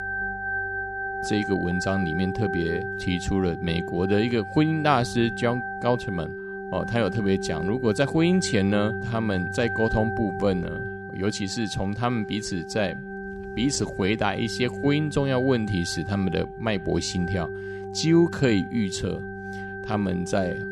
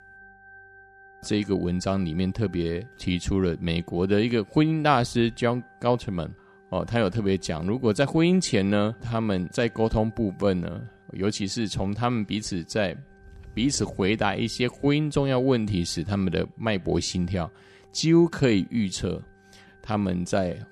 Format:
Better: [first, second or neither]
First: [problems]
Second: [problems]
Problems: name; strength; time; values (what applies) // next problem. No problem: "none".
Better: second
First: background music; loud; throughout; 7 dB below the speech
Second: background music; faint; throughout; 30 dB below the speech